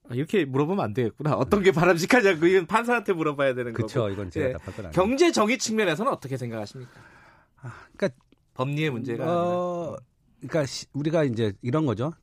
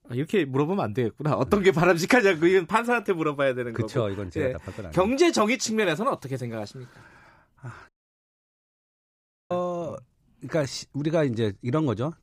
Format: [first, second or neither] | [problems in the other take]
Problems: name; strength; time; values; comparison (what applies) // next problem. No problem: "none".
first | audio cutting out; at 8 s for 1.5 s